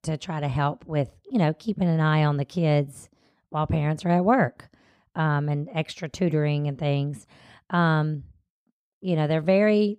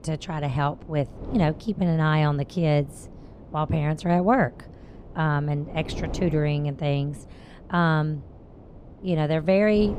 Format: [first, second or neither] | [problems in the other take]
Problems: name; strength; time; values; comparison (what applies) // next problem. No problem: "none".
first | wind noise on the microphone; occasional gusts; 20 dB below the speech